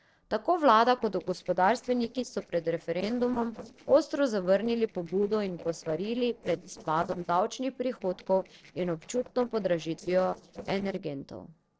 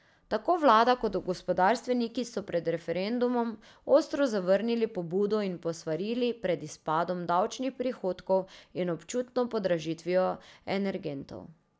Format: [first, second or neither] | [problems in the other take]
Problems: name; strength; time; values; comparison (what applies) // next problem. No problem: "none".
second | noise reduction (neural separator model SepFormer DNS4)